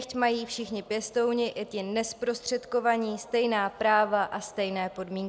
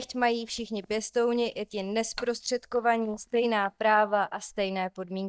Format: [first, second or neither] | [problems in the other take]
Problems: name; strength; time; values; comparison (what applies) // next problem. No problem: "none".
first | noise reduction (neural mask model DeepFilterNet 3)